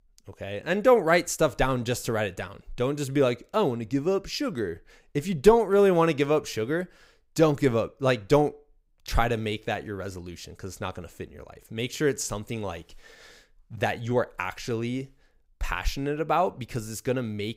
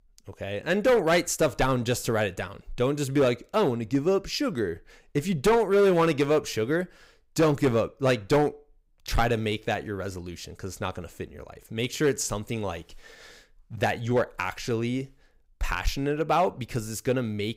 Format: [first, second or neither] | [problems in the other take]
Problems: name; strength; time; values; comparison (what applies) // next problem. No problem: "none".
first | distortion; slight; 4% of the sound clipped